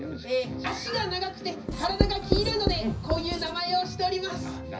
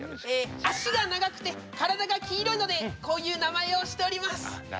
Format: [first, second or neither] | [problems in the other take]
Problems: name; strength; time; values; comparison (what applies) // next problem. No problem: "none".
second | background sound (Writing); as loud as the speech // room echo; dies away in 0.4 s